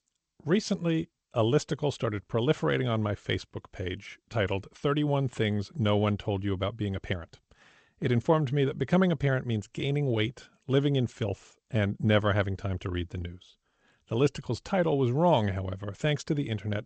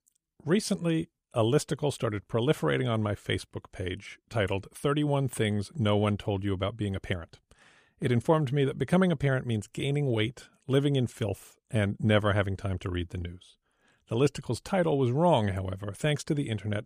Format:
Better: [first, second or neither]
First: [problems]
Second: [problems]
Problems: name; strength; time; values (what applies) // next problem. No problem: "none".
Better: second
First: garbled, watery; slightly; nothing above 8 kHz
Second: none